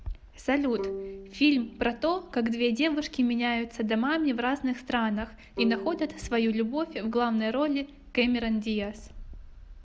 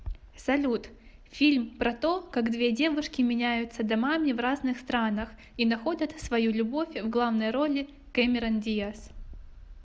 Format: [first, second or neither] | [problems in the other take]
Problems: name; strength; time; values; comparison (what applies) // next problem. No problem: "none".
second | background sound (Bowed string instrument); 16 dB below the speech